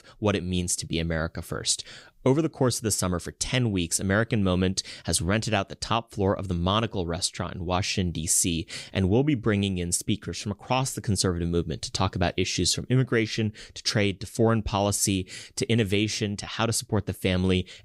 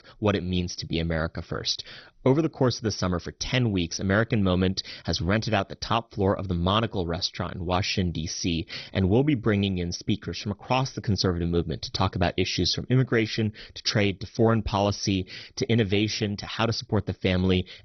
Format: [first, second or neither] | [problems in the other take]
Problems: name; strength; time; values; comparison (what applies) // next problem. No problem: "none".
first | garbled, watery; badly; nothing above 6 kHz